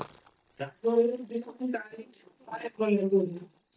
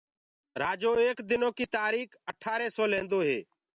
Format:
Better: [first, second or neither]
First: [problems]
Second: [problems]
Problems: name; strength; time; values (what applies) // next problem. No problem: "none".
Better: second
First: noise reduction (neural mask model DeepFilterNet 3)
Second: none